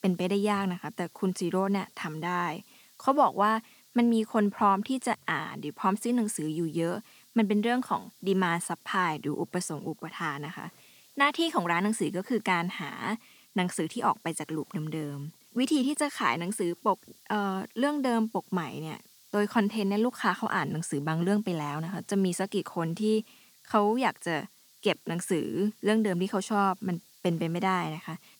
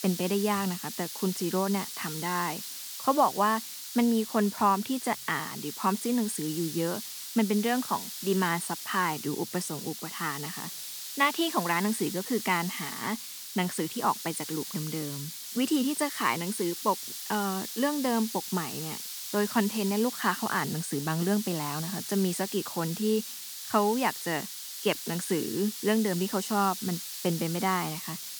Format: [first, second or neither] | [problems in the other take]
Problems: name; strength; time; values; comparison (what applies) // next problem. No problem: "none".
first | hiss; loud; throughout; 7 dB below the speech; faint in the first